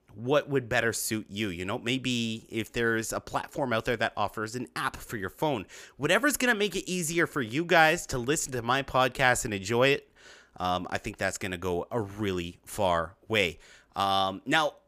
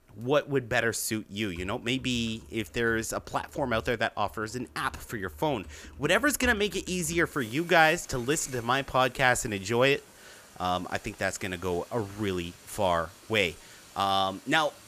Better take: first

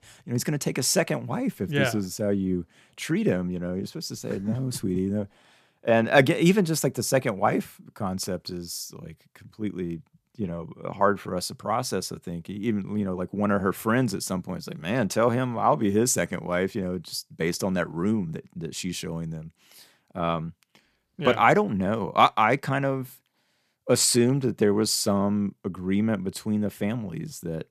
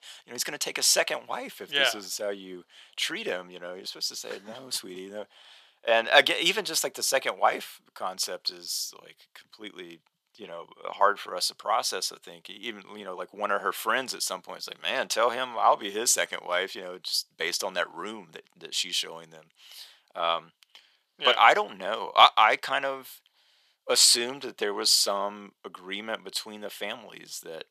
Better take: first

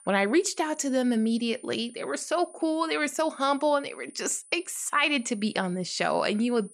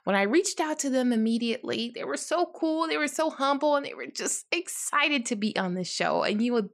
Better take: second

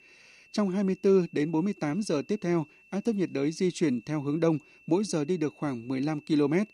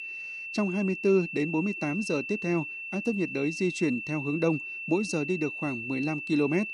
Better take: first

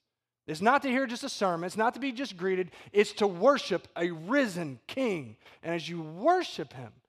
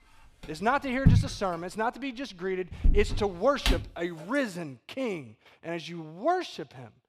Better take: first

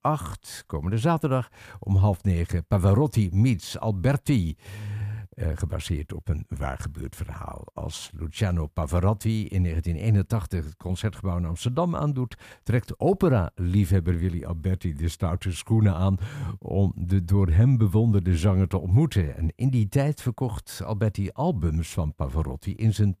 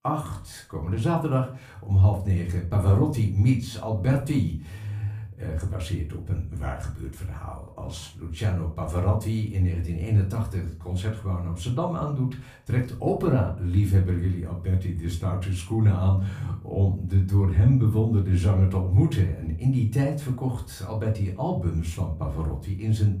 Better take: first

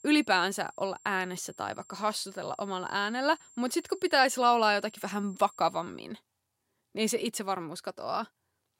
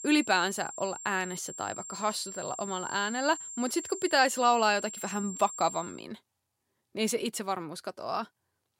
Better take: first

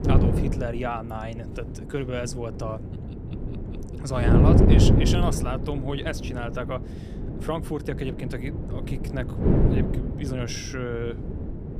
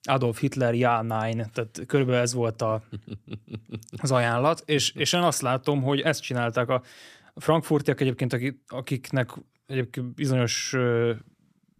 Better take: second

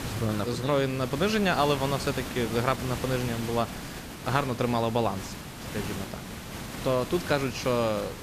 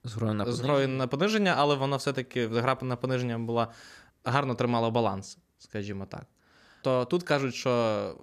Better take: second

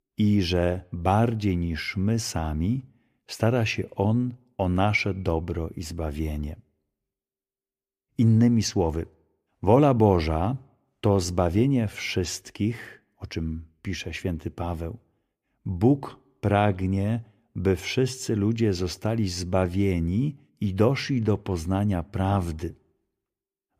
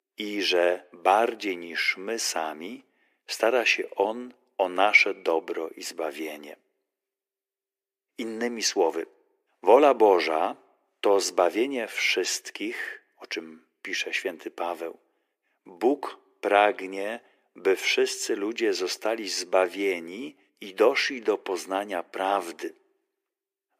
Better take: first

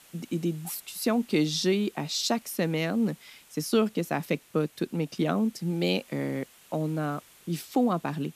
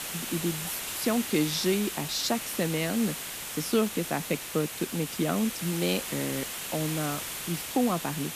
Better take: first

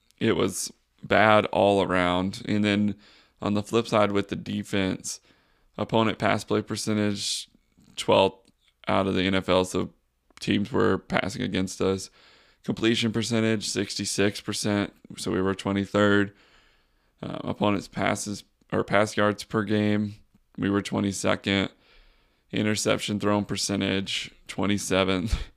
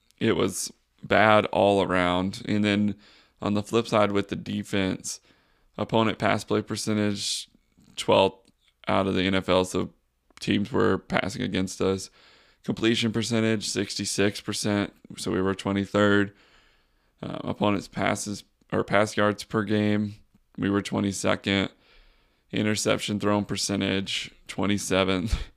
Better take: neither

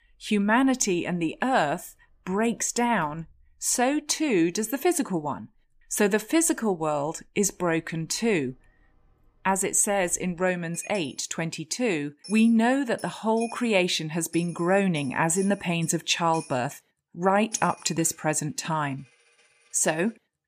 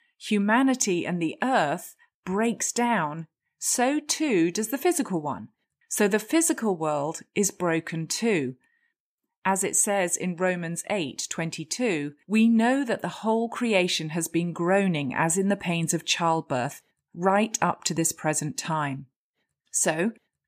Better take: second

